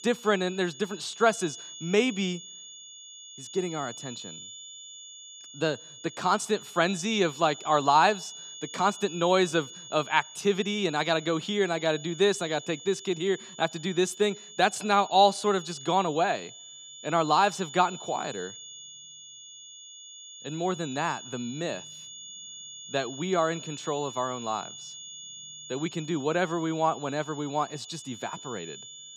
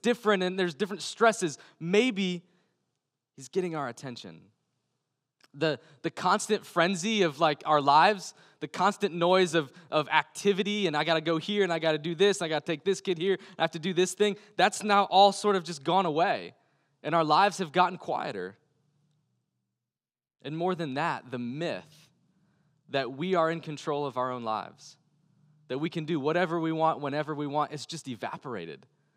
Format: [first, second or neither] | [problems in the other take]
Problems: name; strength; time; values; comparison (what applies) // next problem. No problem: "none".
second | high-pitched whine; noticeable; throughout; 6.5 kHz, 15 dB below the speech